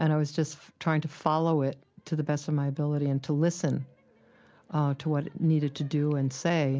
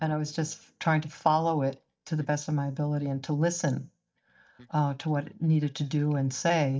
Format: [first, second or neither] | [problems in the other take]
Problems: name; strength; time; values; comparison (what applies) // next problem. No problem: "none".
first | noise reduction (neural mask model DeepFilterNet 3)